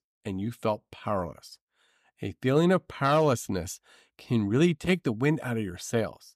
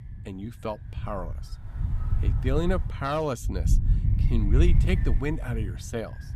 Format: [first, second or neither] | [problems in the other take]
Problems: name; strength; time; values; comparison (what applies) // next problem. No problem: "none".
first | wind noise on the microphone; occasional gusts; 10 dB below the speech